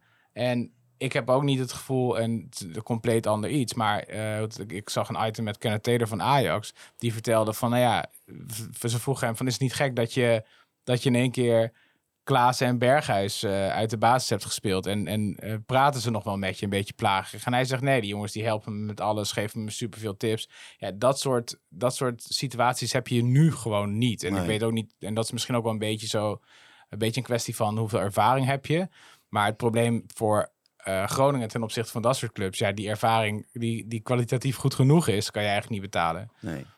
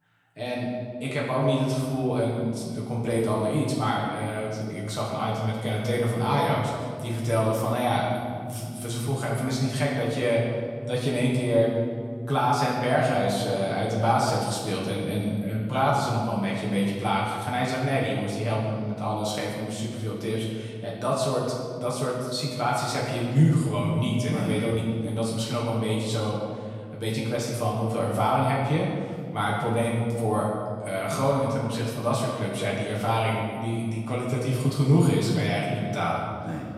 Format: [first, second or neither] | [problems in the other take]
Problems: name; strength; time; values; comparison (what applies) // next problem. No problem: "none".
first | room echo; noticeable; dies away in 1.8 s // off-mic speech; far